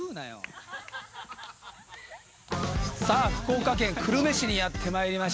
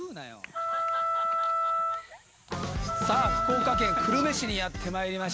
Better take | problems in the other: first | background sound (Wind instrument, woodwind instrument); 2 dB above the speech

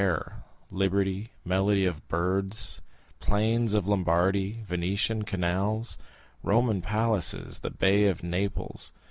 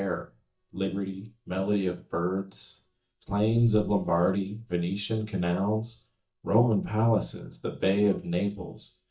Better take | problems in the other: first | noise reduction (neural mask model DeepFilterNet 3)

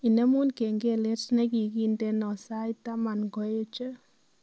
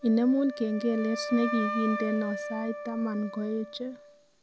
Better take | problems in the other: first | background sound (Wind instrument, woodwind instrument); 8 dB below the speech

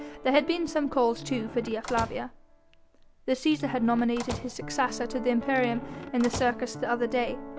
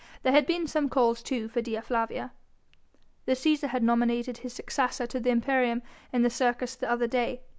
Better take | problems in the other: second | background sound (Piano + Squeak / Slam / Wood); 11 dB below the speech

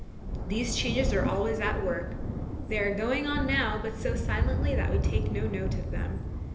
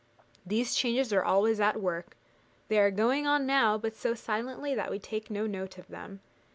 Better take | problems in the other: second | background sound (Thunder); 2 dB above the speech // room echo; dies away in 1.4 s

